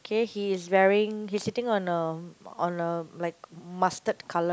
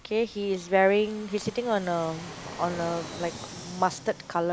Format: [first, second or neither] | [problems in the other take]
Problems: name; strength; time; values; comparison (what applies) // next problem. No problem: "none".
first | background sound (Fixed-wing aircraft, airplane); 15 dB below the speech